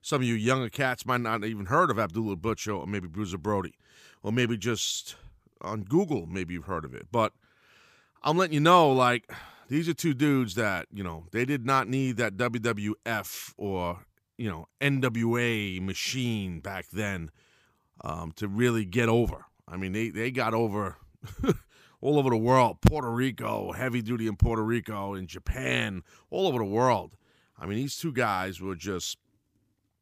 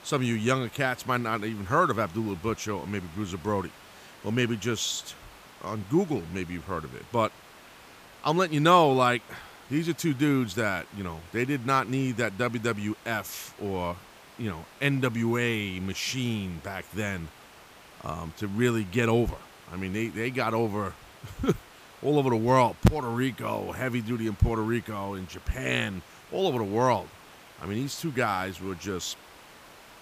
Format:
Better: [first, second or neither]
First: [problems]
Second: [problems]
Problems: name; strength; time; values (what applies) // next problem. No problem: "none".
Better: first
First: none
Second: hiss; faint; throughout; 20 dB below the speech